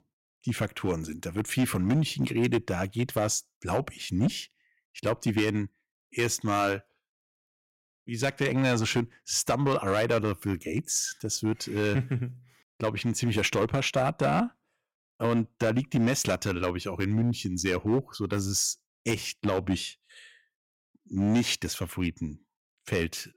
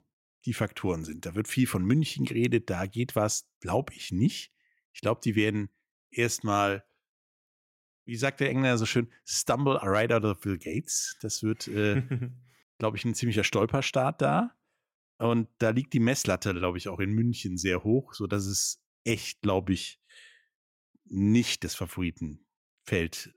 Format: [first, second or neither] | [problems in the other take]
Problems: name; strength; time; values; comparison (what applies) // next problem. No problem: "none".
second | distortion; slight; 4% of the sound clipped